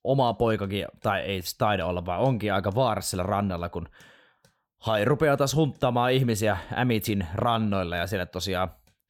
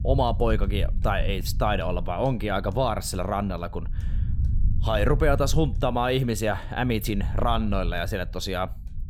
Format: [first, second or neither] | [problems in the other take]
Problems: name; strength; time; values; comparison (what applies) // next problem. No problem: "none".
first | low rumble; faint; throughout; 20 dB below the speech